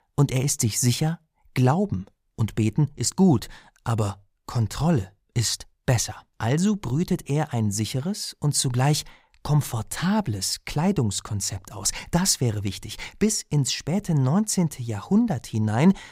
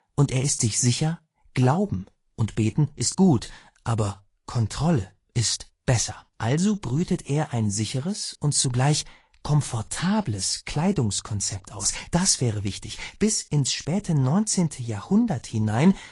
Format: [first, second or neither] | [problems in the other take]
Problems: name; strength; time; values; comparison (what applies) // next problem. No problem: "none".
first | garbled, watery; slightly; nothing above 10.5 kHz